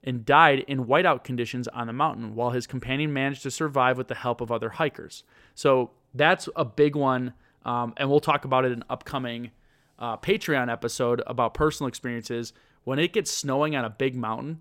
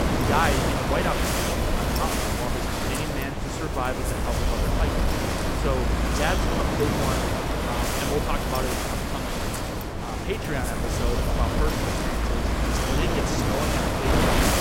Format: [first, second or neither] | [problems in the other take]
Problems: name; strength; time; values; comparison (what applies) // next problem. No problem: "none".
first | wind noise on the microphone; heavy; 4 dB above the speech